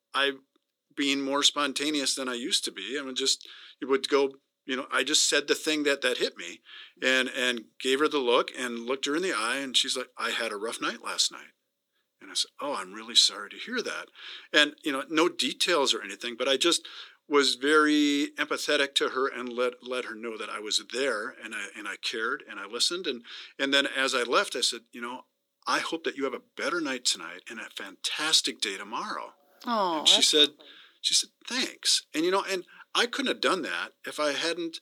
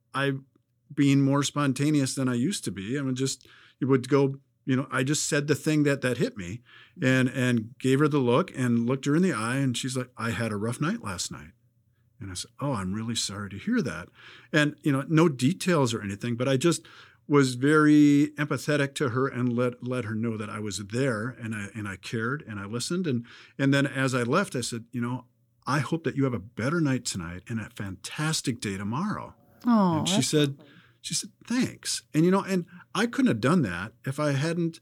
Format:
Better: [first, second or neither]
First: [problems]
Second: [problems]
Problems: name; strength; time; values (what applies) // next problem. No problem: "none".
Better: second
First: thin; somewhat; fading below 350 Hz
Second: none